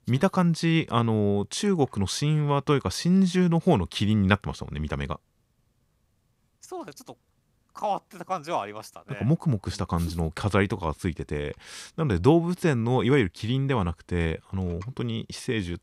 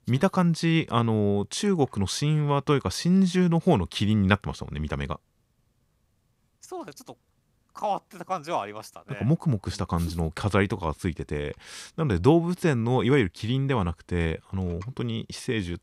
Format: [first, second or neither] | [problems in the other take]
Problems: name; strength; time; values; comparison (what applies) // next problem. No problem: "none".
neither | none